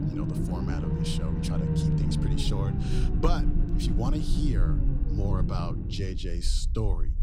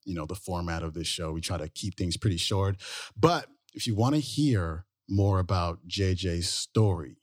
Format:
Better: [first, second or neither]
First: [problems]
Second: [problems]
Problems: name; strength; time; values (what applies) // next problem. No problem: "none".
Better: second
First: low rumble; loud; throughout; 1 dB below the speech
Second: none